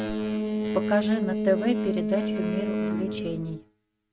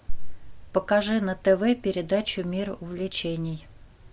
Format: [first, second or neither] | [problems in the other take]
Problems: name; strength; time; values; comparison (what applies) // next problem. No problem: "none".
second | noise reduction (neural mask model RNNoise)